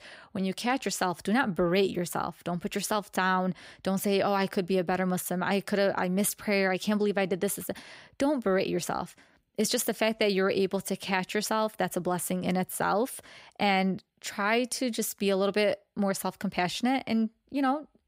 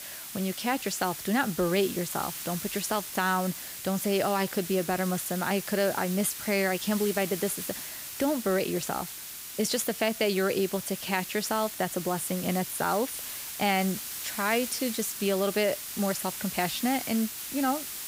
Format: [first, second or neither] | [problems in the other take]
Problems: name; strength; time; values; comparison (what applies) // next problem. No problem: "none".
first | hiss; loud; throughout; 7 dB below the speech